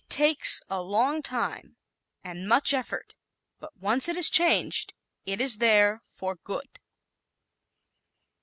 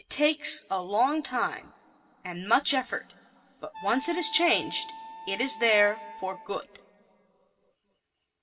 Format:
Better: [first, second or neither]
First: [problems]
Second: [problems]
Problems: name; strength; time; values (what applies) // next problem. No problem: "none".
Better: first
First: none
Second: background sound (Wind instrument, woodwind instrument); 13 dB below the speech // room echo; dies away in 1.9 s